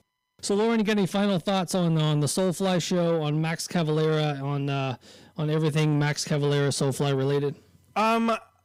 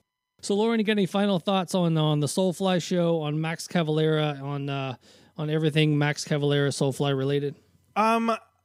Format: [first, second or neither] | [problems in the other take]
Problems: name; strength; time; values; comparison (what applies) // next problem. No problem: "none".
second | distortion; slight; 10 dB below the speech